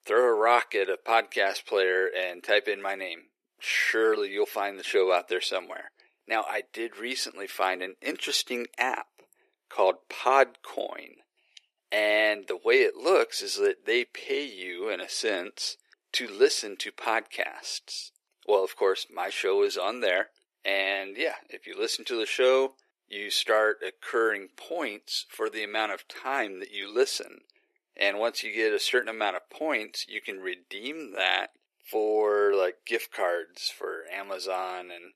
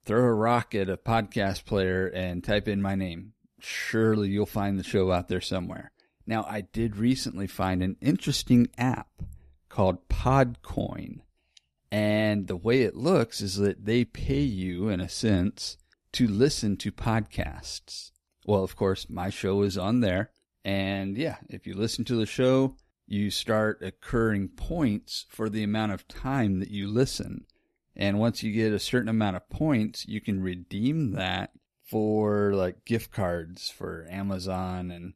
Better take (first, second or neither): second